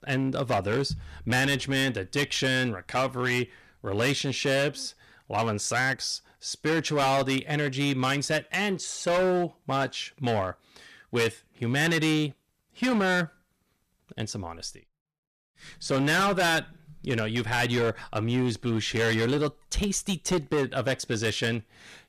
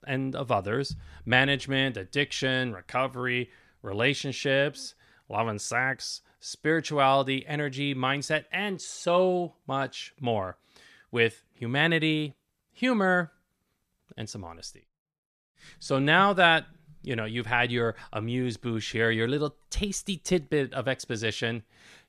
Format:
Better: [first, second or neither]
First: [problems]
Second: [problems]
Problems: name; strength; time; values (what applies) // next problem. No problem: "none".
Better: second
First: distortion; heavy; 12% of the sound clipped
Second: none